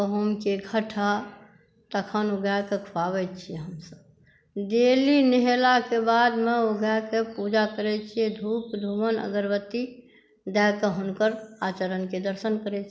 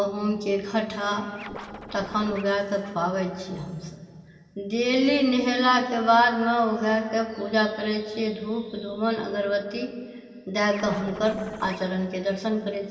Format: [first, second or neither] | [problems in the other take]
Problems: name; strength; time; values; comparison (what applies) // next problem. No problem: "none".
first | background sound (Scratching (performance technique)); 14 dB below the speech // room echo; dies away in 2.6 s